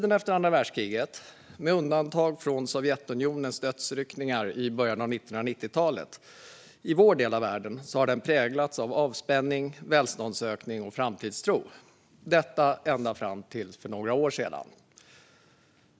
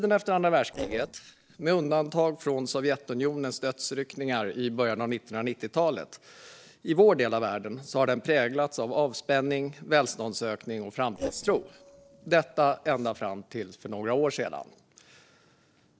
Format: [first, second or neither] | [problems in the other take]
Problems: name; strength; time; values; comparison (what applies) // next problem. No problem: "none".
first | noise reduction (neural separator model SepFormer DNS4)